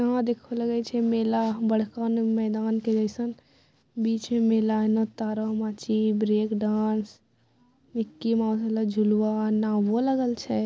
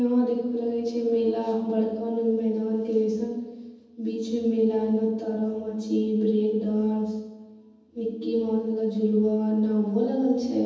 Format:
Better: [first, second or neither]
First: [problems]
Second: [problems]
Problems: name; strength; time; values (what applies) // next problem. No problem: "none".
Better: first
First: none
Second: room echo; dies away in 1.1 s